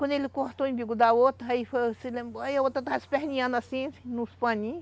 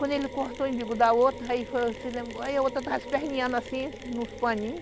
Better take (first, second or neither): first